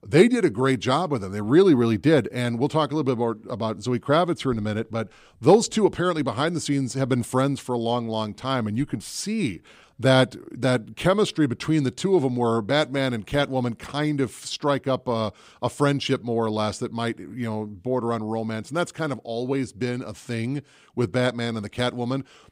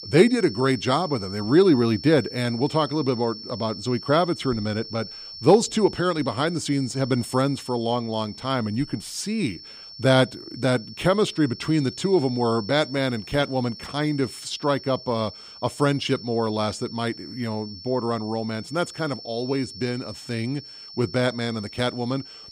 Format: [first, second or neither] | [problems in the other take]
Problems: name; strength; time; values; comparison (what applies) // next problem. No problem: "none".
first | high-pitched whine; noticeable; throughout; 5.5 kHz, 15 dB below the speech